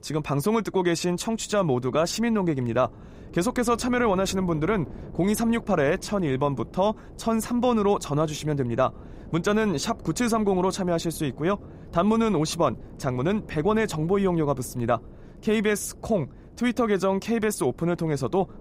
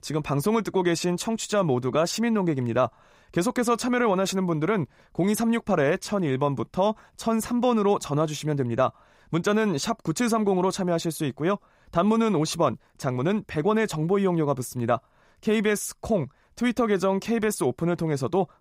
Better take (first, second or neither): second